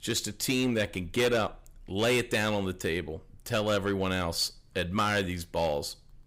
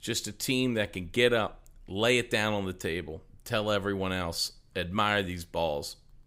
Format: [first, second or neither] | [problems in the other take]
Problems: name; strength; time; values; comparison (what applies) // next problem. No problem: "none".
second | distortion; slight; 6% of the sound clipped